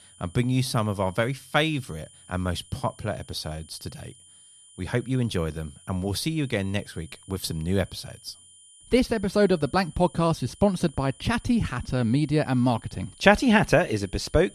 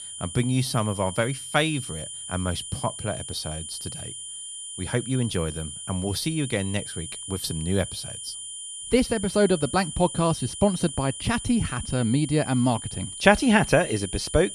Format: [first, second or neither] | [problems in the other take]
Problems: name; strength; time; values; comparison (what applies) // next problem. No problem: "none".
first | high-pitched whine; loud; throughout; 9.5 kHz, 9 dB below the speech; faint in the first